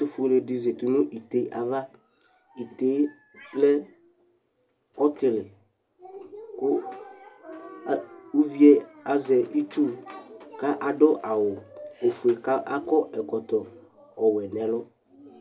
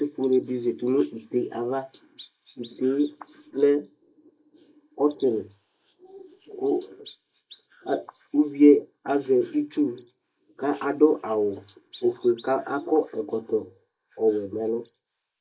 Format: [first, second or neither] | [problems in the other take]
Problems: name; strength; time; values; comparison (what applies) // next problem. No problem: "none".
first | noise reduction (neural mask model Resemble Enhance denoiser)